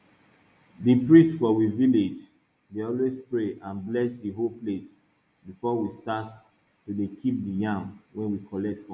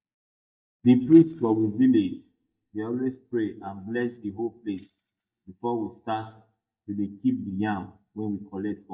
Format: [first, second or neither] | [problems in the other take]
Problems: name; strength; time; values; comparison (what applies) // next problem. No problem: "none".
first | noise reduction (neural mask model DeepFilterNet 3)